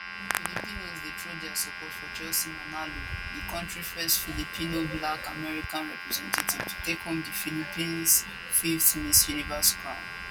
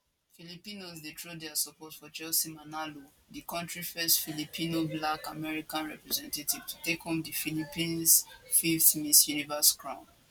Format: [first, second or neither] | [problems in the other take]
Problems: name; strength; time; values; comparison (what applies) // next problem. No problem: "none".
second | background sound (Hands + Domestic sounds, home sounds); 6 dB below the speech